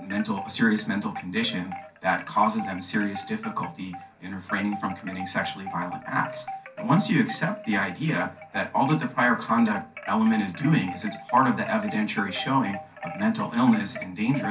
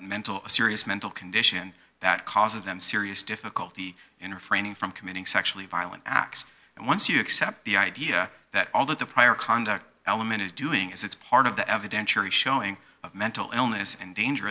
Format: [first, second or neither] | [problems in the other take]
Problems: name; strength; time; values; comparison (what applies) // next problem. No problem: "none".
second | background sound (Wind chime); 13 dB below the speech // room echo; dies away in 0.3 s